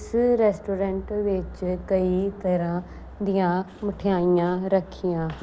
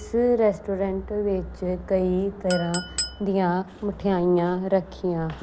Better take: first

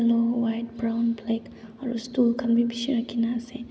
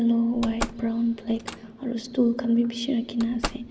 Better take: first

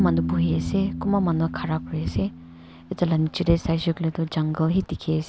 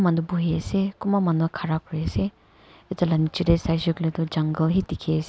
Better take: second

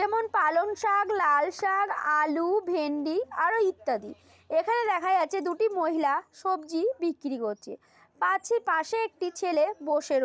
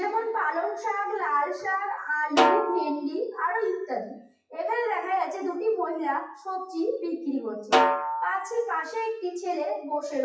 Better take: first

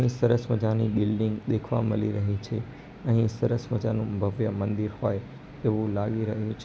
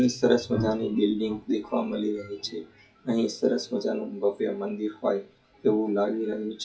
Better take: first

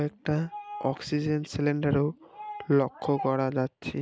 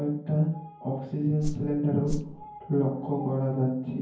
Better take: first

